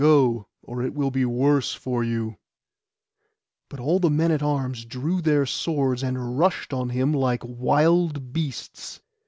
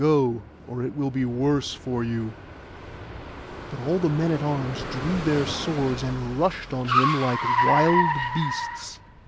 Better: first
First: none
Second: background sound (Car); 3 dB below the speech

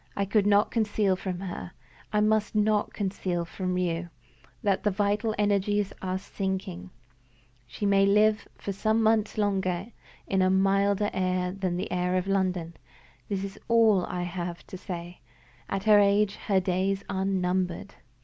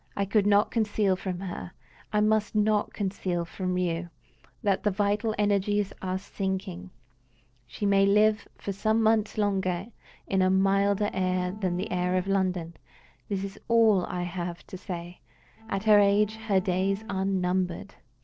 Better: first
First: none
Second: noise reduction (neural separator model SepFormer DNS4)

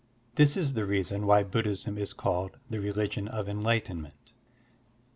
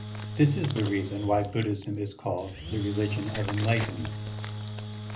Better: first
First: none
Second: background sound (Engine / Drill); 6 dB below the speech // room echo; dies away in 0.3 s

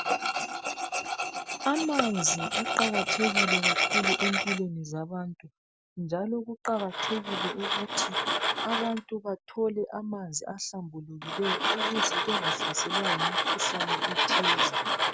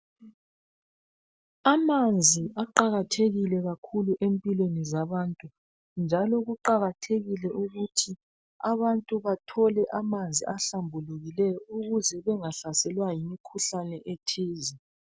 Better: second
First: background sound (Tools); 3 dB above the speech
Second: none

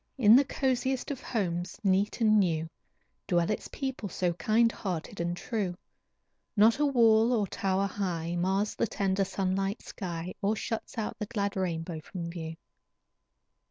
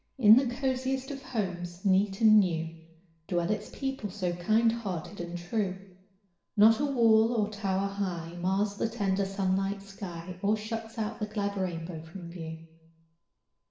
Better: first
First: none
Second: room echo; dies away in 0.8 s

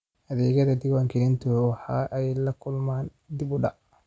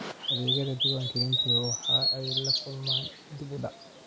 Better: first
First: none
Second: background sound (Bird vocalization, bird call, bird song); 4 dB above the speech

